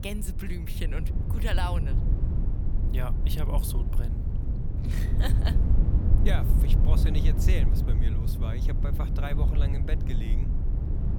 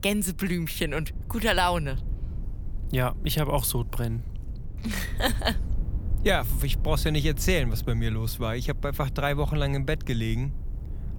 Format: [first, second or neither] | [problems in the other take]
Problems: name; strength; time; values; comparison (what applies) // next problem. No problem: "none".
second | wind noise on the microphone; heavy; 3 dB below the speech; occasional gusts in the second